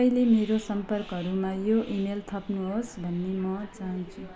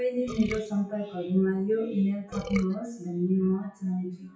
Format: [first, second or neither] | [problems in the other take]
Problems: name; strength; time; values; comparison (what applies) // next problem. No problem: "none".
first | noise reduction (classical method WPE with log-MMSE)